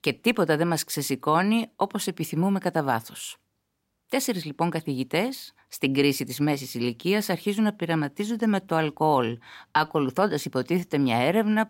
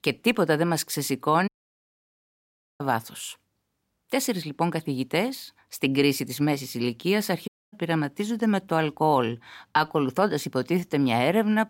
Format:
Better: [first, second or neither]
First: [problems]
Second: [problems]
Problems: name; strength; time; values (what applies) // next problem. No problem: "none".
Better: first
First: none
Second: audio cutting out; at 1.5 s for 1.5 s and at 7.5 s